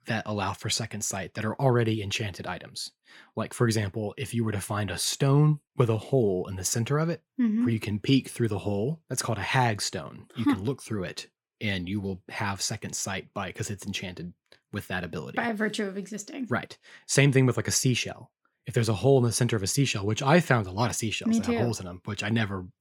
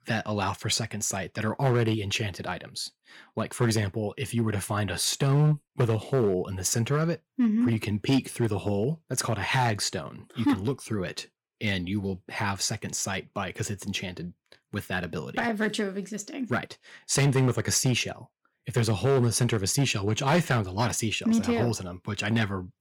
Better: first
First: none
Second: distortion; slight; 3% of the sound clipped

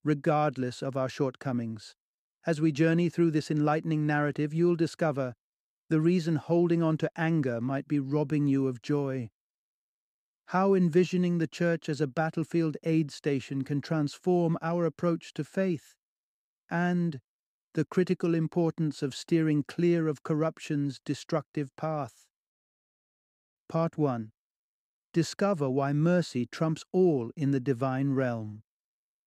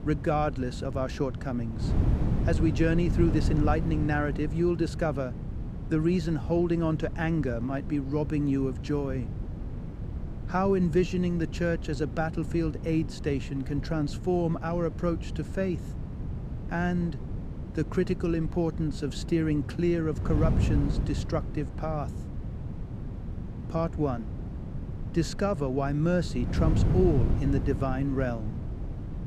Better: first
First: none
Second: wind noise on the microphone; occasional gusts; 10 dB below the speech

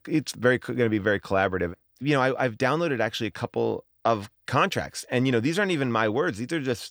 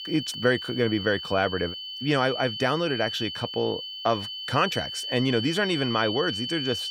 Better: first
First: none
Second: high-pitched whine; loud; throughout; 3 kHz, 5 dB below the speech

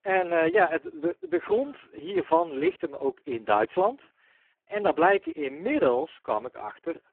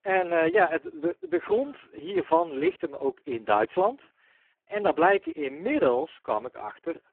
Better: neither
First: phone-call audio; poor line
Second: phone-call audio; poor line

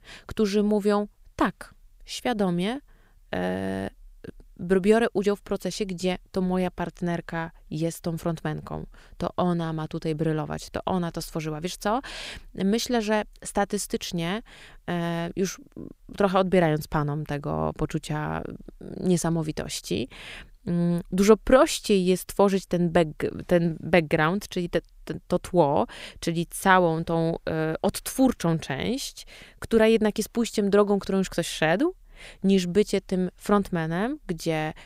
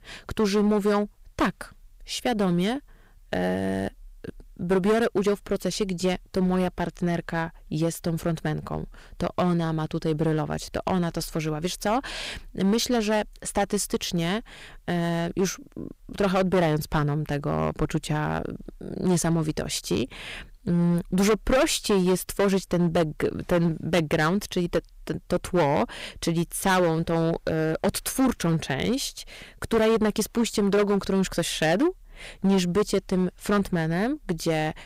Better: first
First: none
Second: distortion; heavy; 7% of the sound clipped

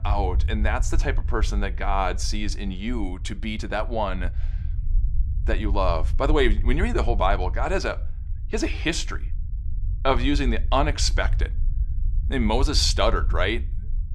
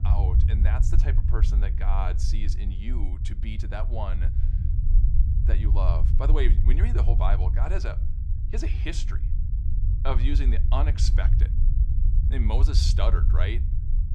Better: first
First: low rumble; faint; throughout; 20 dB below the speech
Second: low rumble; loud; throughout; 7 dB below the speech

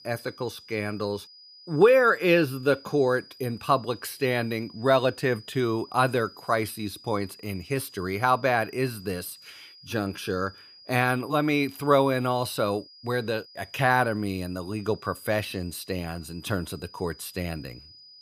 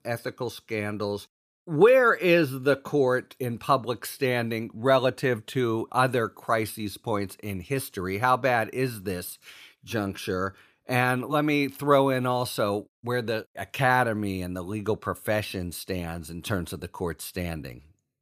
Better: second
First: high-pitched whine; faint; throughout; 5 kHz, 20 dB below the speech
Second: none

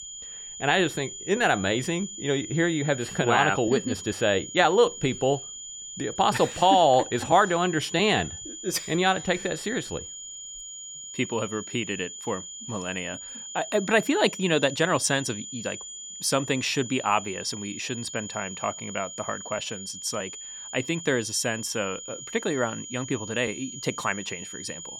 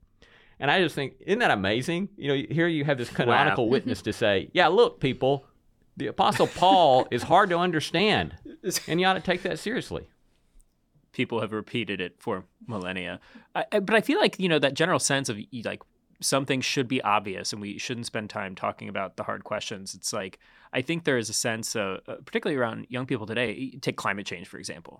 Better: second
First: high-pitched whine; noticeable; throughout; 7 kHz, 10 dB below the speech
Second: none

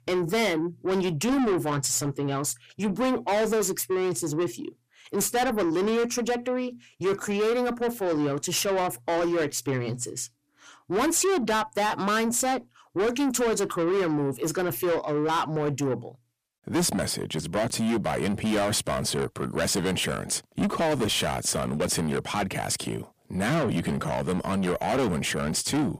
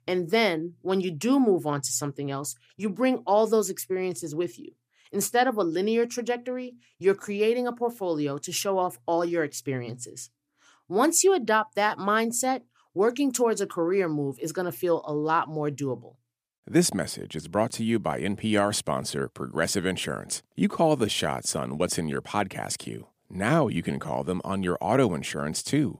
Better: second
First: distortion; heavy; 6 dB below the speech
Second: none

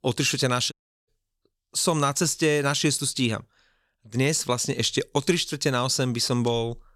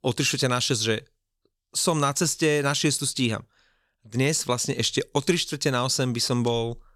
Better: second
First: audio cutting out; at 0.5 s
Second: none

